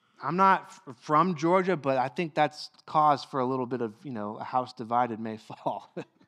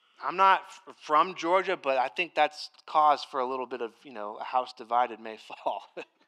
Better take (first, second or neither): first